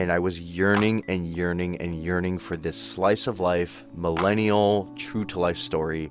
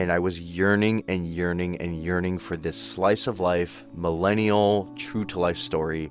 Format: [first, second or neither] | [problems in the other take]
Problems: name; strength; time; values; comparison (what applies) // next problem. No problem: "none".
second | background sound (Telephone); 16 dB below the speech